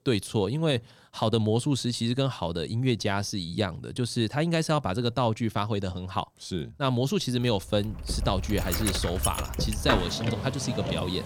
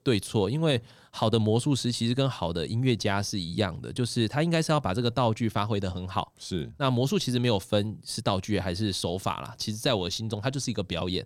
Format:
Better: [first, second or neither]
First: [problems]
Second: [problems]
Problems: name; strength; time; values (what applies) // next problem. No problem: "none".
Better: second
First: traffic noise; loud; from 8 s on; 3 dB below the speech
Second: none